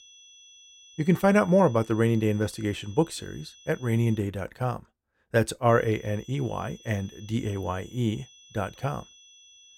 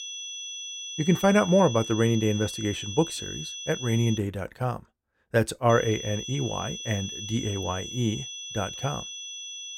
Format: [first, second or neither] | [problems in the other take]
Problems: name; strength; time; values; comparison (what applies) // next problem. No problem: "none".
first | high-pitched whine; loud; until 4 s and from 5.5 s on; 3.5 kHz, 8 dB below the speech; faint in the first